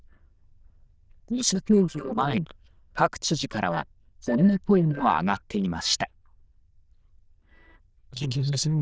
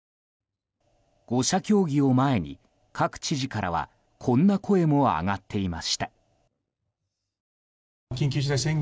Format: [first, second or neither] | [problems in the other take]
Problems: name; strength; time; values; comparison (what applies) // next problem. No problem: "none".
second | noise reduction (neural diffusion model UNIVERSE++)